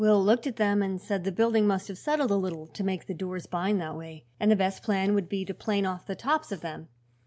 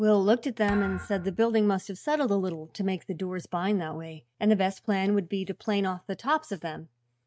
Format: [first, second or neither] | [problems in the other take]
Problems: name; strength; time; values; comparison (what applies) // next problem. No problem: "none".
first | noise reduction (neural mask model RNNoise)